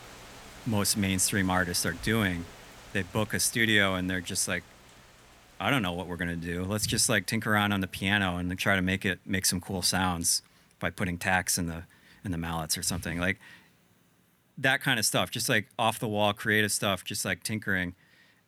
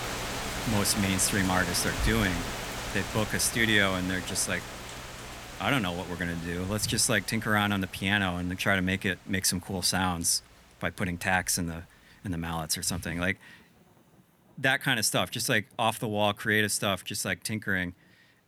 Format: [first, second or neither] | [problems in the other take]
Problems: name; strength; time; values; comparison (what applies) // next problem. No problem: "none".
first | rain or running water; loud; throughout; 8 dB below the speech; faint in the first